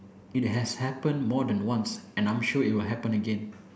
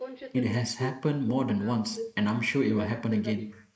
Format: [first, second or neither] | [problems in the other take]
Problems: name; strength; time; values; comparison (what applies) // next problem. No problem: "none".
first | noise reduction (neural mask model Resemble Enhance denoiser)